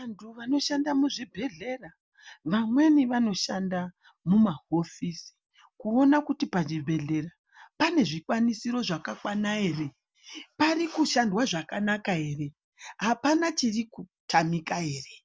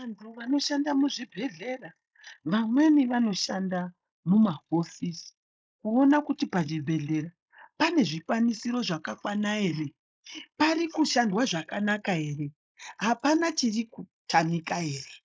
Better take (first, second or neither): first